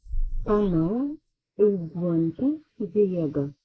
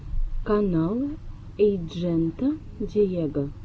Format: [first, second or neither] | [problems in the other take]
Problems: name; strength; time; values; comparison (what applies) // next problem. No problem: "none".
second | noise reduction (neural mask model Resemble Enhance denoiser)